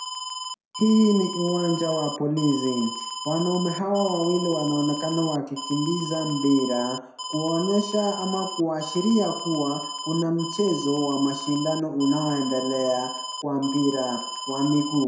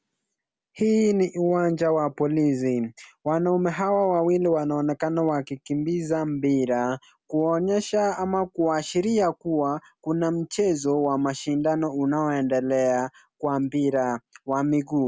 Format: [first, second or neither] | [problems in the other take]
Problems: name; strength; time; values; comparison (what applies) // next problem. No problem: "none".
second | background sound (Alarm); 9 dB below the speech // room echo; dies away in 0.6 s